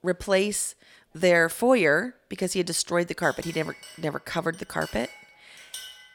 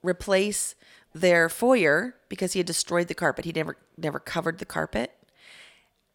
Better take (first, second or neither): second